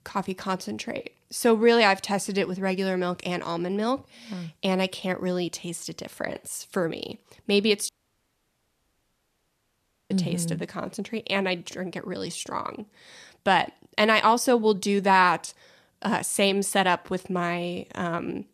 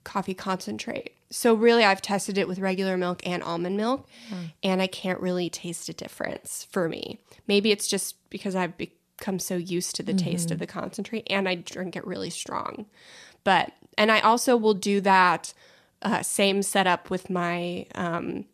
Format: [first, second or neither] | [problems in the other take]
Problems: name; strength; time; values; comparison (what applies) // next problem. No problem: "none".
second | audio cutting out; at 8 s for 2 s